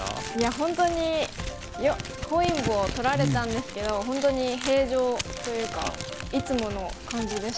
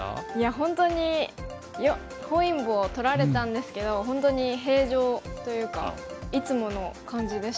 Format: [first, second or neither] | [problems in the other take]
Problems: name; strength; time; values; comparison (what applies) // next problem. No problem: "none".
second | background sound (Crumpling, crinkling); 10 dB below the speech